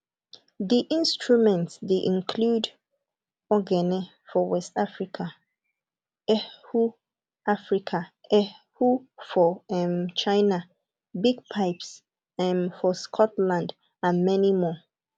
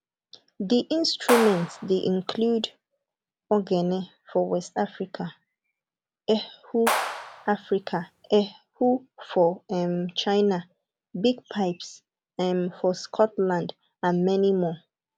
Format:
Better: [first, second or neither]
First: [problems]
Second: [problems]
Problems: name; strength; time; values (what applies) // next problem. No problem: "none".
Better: first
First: none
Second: background sound (Clapping); 5 dB below the speech